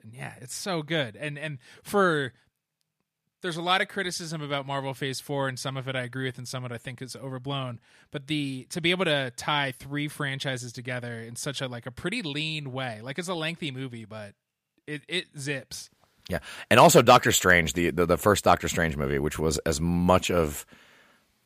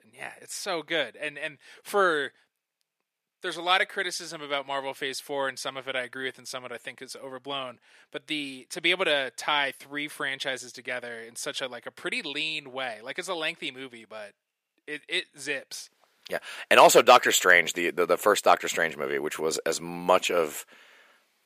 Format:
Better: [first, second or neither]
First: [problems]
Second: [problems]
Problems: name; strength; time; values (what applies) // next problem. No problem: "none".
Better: first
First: none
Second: thin; somewhat; fading below 450 Hz